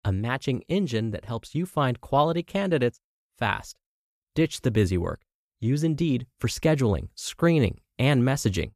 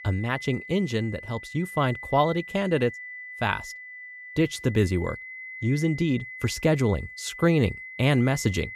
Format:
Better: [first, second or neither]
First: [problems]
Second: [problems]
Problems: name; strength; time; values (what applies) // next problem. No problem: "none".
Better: first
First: none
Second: high-pitched whine; noticeable; throughout; 2 kHz, 10 dB below the speech